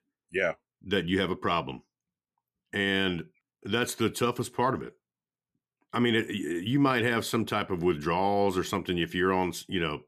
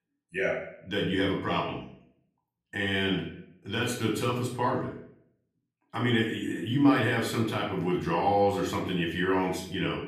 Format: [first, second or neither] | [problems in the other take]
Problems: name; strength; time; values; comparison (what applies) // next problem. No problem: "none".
first | room echo; slight; dies away in 0.5 s // off-mic speech; far